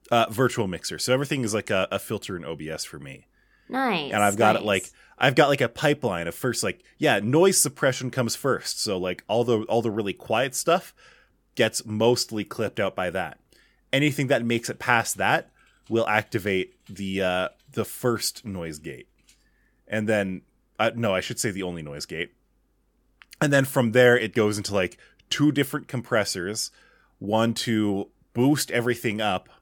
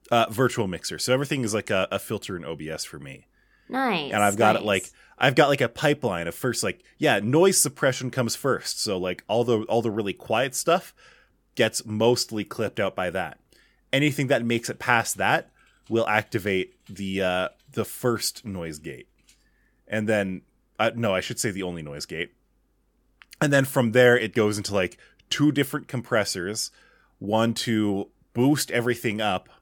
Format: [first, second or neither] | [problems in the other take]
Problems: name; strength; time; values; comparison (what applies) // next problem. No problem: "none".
neither | none